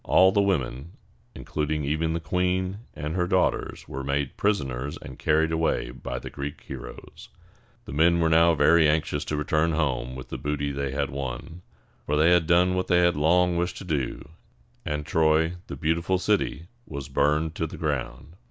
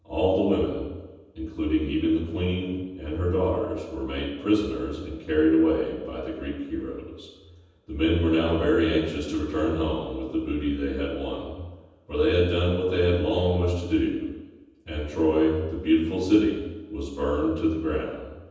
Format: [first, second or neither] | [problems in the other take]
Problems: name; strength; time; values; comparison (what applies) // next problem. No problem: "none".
first | room echo; dies away in 1.1 s